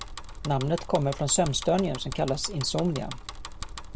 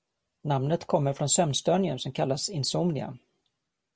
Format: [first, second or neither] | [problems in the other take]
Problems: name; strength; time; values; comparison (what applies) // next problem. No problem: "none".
second | background sound (Bicycle); 10 dB below the speech